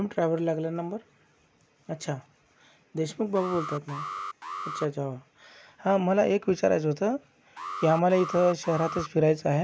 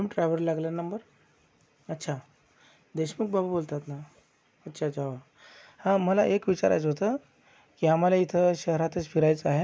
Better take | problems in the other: second | background sound (Alarm); 9 dB below the speech

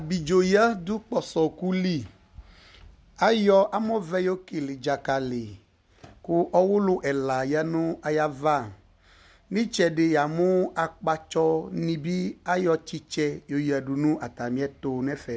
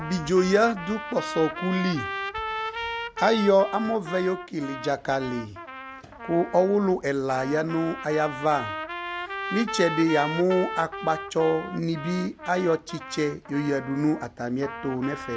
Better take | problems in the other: first | background sound (Trumpet); 9 dB below the speech

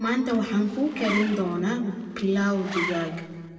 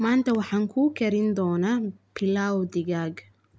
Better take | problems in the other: second | background sound (Zipper (clothing)); 11 dB below the speech // room echo; dies away in 1.5 s

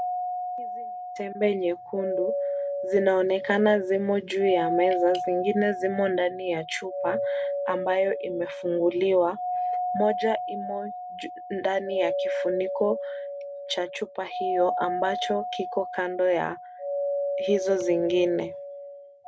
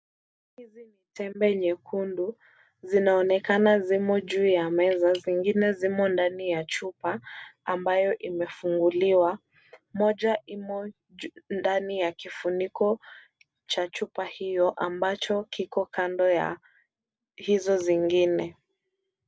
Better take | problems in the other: second | background sound (Doorbell); 4 dB below the speech

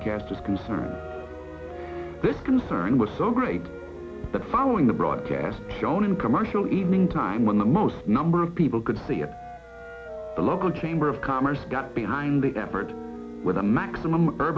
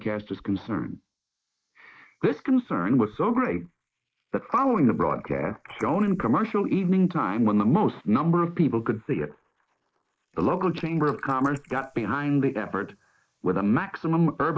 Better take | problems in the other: first | noise reduction (neural mask model Resemble Enhance denoiser)

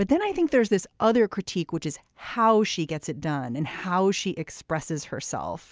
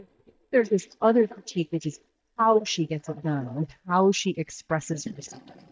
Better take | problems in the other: first | noise reduction (neural mask model DeepFilterNet 3)

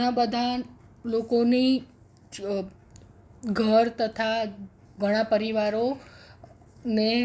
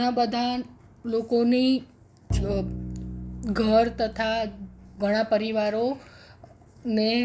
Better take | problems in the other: first | background sound (Bowed string instrument); 7 dB below the speech

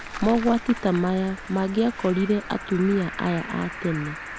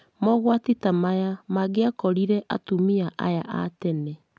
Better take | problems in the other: second | background sound (Cricket); 12 dB below the speech

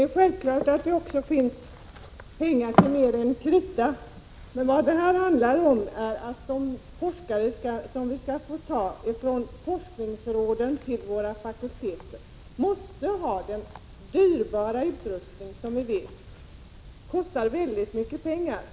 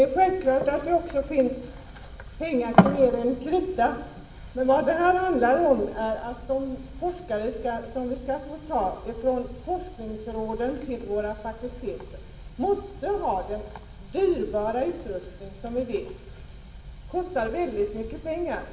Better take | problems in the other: first | room echo; dies away in 0.8 s

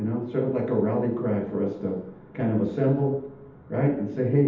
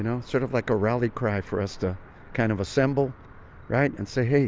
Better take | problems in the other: second | room echo; dies away in 0.8 s

